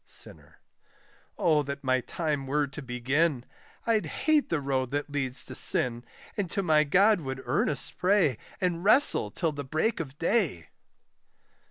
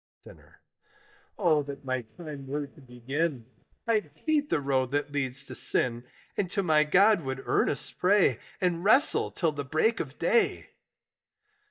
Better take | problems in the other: first | noise reduction (neural mask model DeepFilterNet 3)

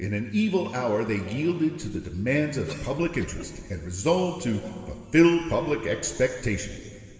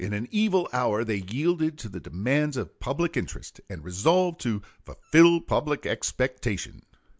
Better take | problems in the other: second | background sound (Cough); 19 dB below the speech // room echo; dies away in 2.5 s

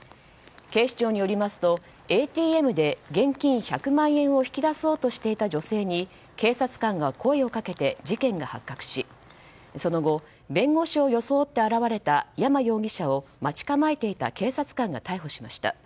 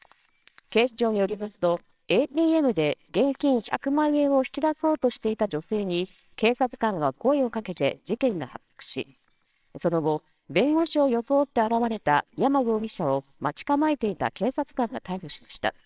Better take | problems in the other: first | noise reduction (neural separator model SepFormer WHAMR!)

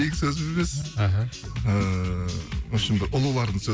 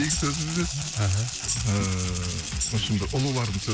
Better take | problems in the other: first | background sound (Rattle (instrument) + Tambourine); 6 dB below the speech

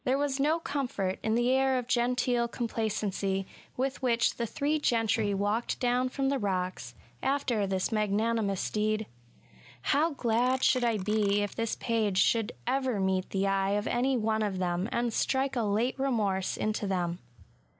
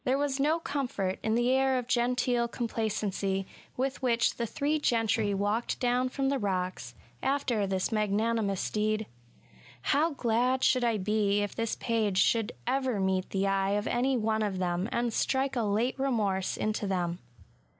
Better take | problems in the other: second | background sound (Clock); 20 dB below the speech

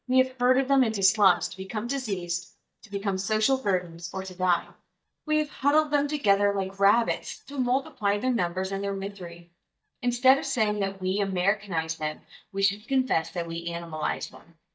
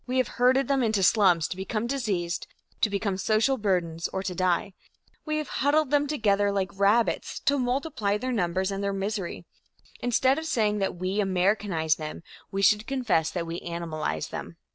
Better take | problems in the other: second | noise reduction (neural mask model DeepFilterNet 3)

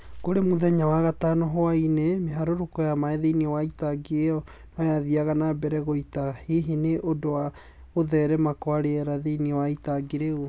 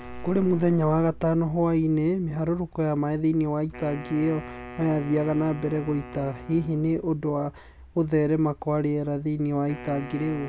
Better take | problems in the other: first | background sound (Wind instrument, woodwind instrument); 18 dB below the speech

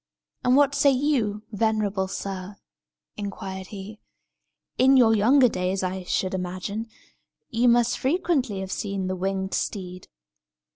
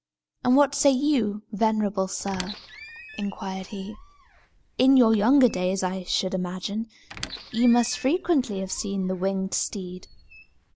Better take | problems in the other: first | background sound (Squeak); 19 dB below the speech

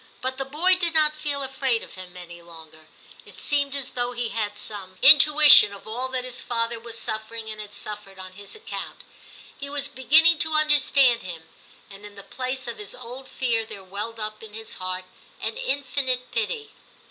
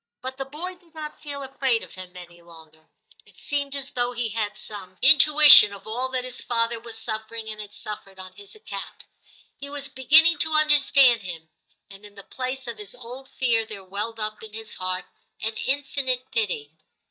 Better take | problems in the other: first | noise reduction (neural mask model DeepFilterNet 3)

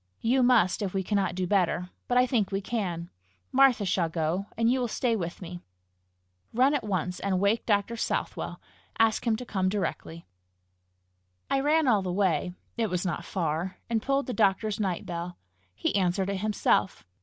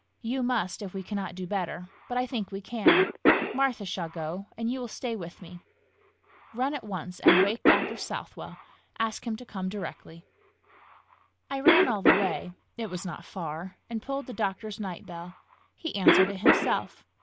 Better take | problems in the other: first | background sound (Cough); 2 dB above the speech

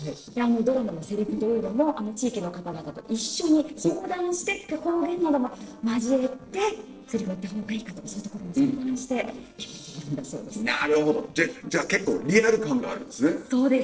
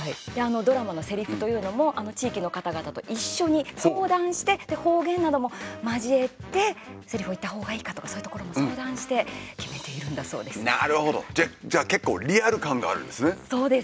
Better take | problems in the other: second | noise reduction (neural separator model SepFormer DNS4)

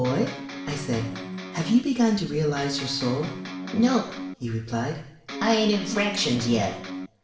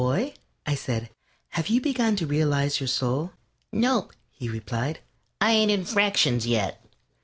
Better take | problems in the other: second | background sound (Electric guitar); 9 dB below the speech // room echo; dies away in 0.7 s

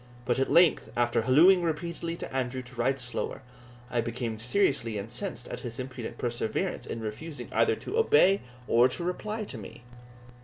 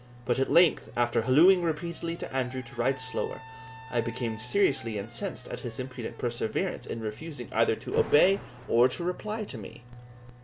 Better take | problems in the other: first | background sound (Alarm); 19 dB below the speech

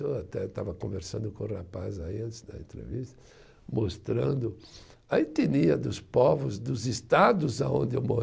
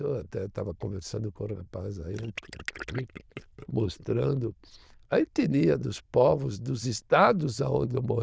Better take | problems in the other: first | noise reduction (neural diffusion model UNIVERSE++)

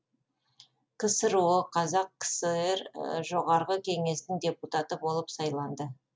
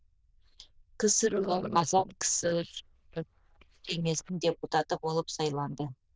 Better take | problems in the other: first | noise reduction (neural diffusion model UNIVERSE++)

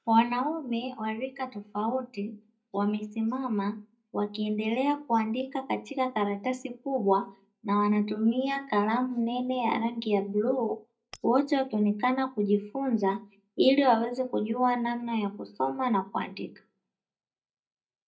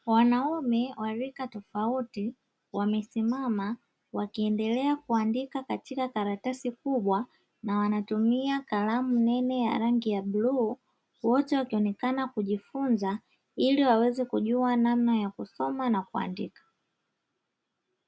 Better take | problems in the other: second | noise reduction (neural mask model DeepFilterNet 3)

